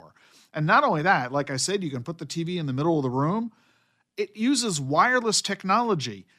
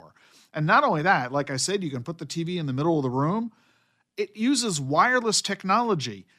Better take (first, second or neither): neither